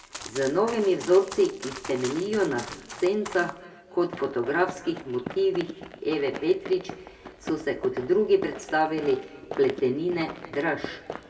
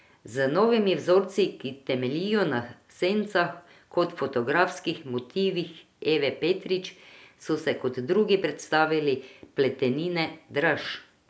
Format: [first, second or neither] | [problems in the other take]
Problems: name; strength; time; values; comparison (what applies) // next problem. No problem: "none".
second | background sound (Run); 14 dB below the speech // room echo; dies away in 2.1 s